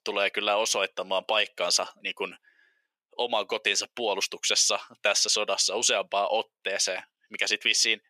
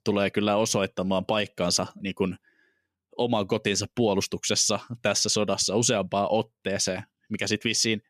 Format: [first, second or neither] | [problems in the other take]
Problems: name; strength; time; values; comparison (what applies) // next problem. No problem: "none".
second | thin; very; fading below 650 Hz